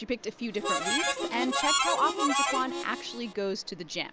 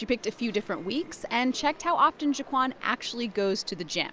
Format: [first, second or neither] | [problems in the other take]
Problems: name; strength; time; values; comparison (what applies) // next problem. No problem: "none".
second | background sound (Harmonica); 3 dB above the speech